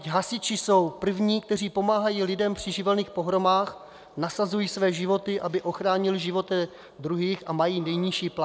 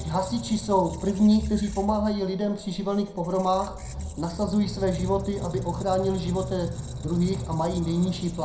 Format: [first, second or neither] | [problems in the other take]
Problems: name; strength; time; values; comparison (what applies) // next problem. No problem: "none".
first | background sound (Squeak); 9 dB below the speech // room echo; dies away in 0.4 s